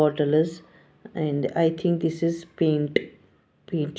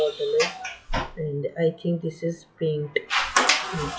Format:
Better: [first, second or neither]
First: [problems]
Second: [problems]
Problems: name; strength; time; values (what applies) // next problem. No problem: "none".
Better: first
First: none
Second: noise reduction (classical method WPE with log-MMSE)